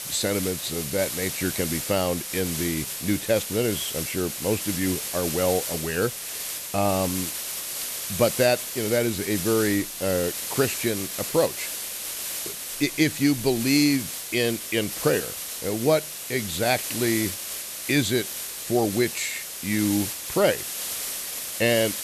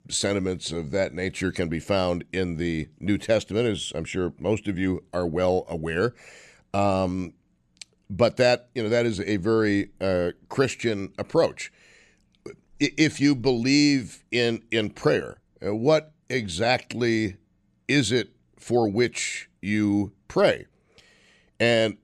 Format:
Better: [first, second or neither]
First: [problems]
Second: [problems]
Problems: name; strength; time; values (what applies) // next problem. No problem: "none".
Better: second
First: hiss; loud; throughout; 4 dB below the speech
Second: none